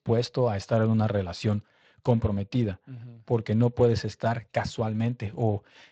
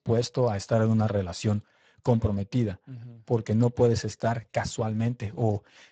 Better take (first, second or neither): first